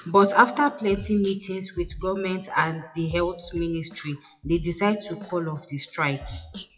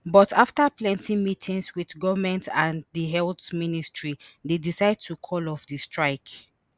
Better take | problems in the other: second | noise reduction (classical method WPE with log-MMSE)

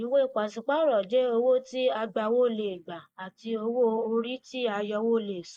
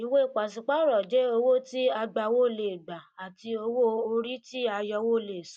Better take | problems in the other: second | noise reduction (neural mask model Resemble Enhance denoiser)

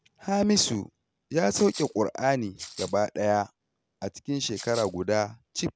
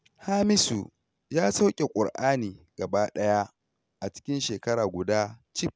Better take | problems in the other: second | background sound (Rattle (instrument)); 14 dB below the speech

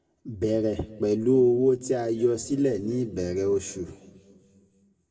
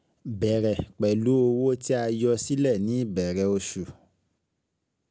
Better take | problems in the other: second | room echo; dies away in 1.8 s

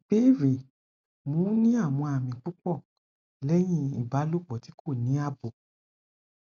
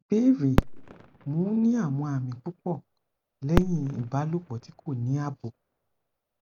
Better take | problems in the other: first | background sound (Fireworks); 5 dB below the speech

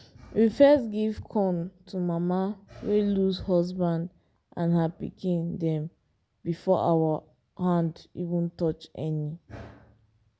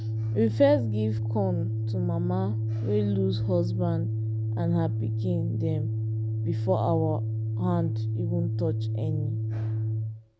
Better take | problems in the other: first | background sound (Organ); 2 dB above the speech

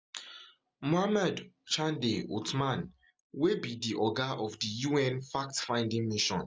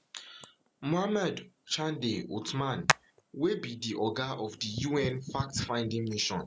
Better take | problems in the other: first | background sound (Hands); 6 dB below the speech

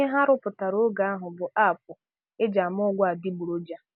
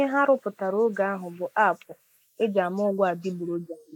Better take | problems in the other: first | noise reduction (neural mask model Resemble Enhance denoiser)

